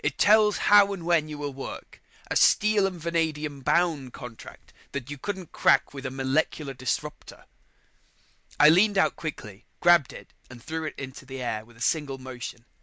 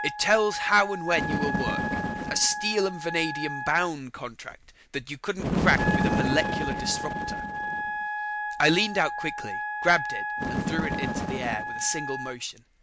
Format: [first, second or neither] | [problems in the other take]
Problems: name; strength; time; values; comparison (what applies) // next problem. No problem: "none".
first | background sound (Wind instrument, woodwind instrument + Bird); 2 dB below the speech